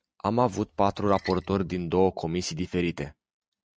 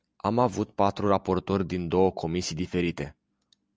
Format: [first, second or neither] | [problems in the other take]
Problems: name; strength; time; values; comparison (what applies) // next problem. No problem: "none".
second | noise reduction (neural mask model RNNoise)